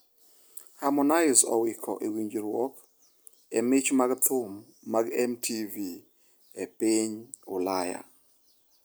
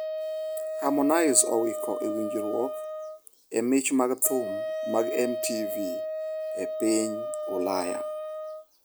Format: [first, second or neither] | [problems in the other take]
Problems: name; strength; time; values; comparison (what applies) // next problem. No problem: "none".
first | background sound (Wind instrument, woodwind instrument); 4 dB below the speech